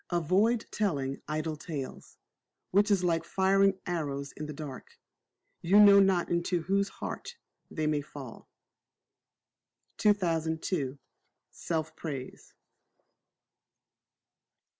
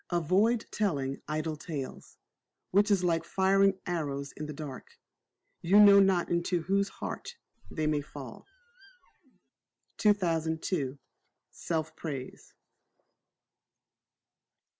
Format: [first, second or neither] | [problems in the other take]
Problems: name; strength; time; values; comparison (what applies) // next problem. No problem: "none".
first | background sound (Squeak); 16 dB below the speech